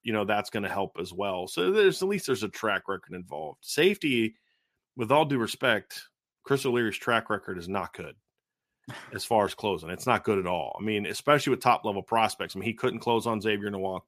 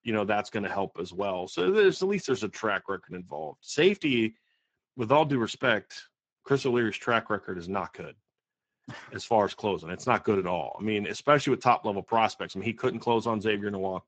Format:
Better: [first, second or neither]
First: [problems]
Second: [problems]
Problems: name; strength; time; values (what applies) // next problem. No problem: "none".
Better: first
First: none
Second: garbled, watery; badly; nothing above 7.5 kHz